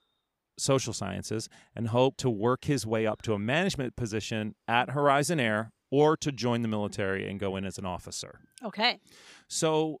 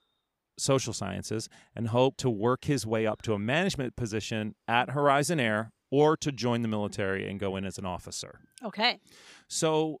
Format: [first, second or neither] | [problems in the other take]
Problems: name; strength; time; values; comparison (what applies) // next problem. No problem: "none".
neither | none